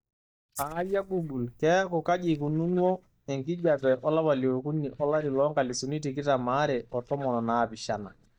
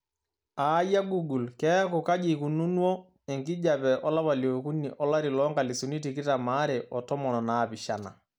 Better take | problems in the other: second | noise reduction (neural mask model DeepFilterNet 3)

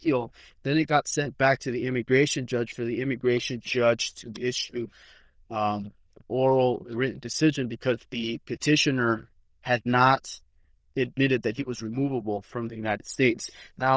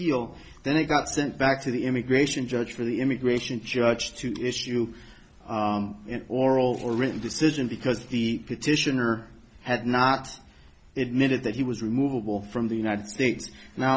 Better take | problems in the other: second | noise reduction (neural diffusion model UNIVERSE++)

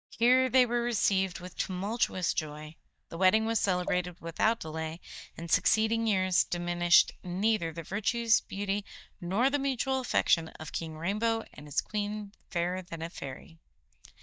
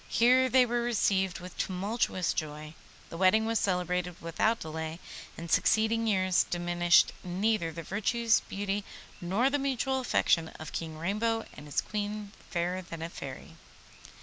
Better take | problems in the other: second | noise reduction (neural mask model DeepFilterNet 3)

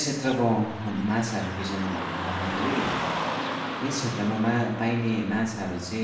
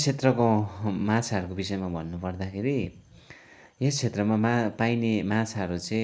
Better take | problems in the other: second | background sound (Car passing by / Traffic noise, roadway noise); 5 dB below the speech // room echo; dies away in 0.9 s

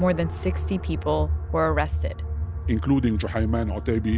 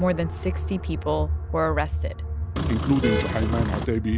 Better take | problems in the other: first | background sound (Vehicle horn, car horn, honking); 3 dB below the speech

